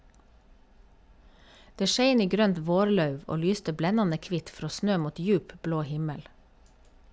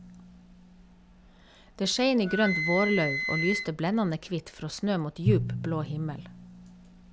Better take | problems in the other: first | background sound (Wind instrument, woodwind instrument + Drum); 5 dB below the speech

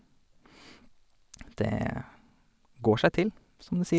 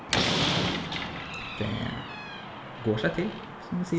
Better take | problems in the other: first | background sound (Slam); 2 dB above the speech // room echo; dies away in 0.9 s

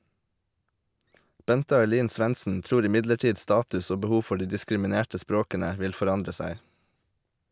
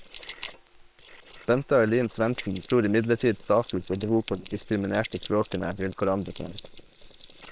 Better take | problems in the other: first | noise reduction (neural separator model SepFormer WHAM!)

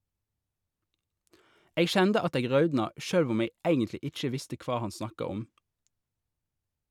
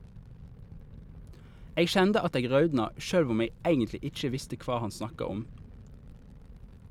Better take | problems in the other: first | background sound (Fire); 17 dB below the speech

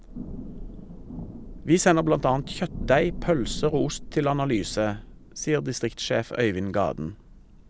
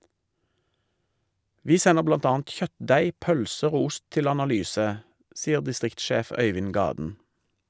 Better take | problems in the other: second | background sound (Thunder / Rain); 12 dB below the speech

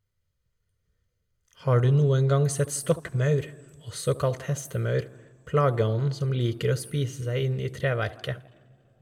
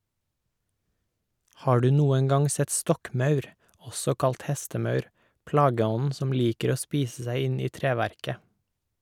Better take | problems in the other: second | room echo; dies away in 0.6 s

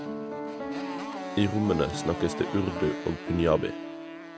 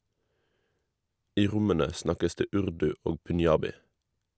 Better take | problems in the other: second | background sound (Piano + Motorcycle); 5 dB below the speech

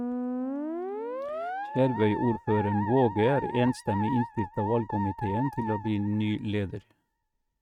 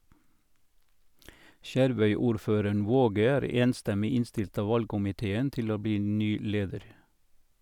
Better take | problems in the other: second | noise reduction (neural mask model RNNoise)

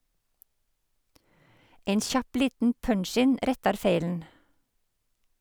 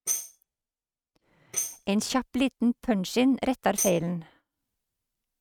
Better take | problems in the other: first | noise reduction (neural mask model RNNoise)

